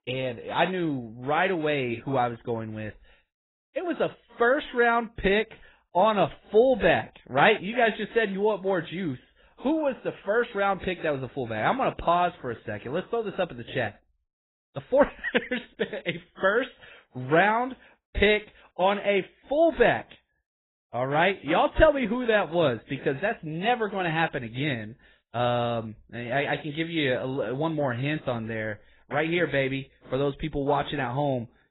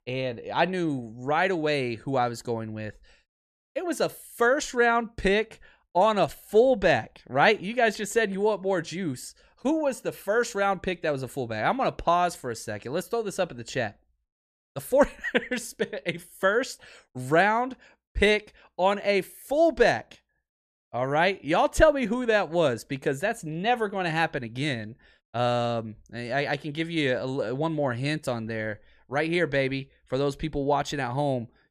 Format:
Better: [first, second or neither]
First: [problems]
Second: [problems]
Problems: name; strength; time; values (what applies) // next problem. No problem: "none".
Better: second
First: garbled, watery; badly; nothing above 4 kHz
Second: none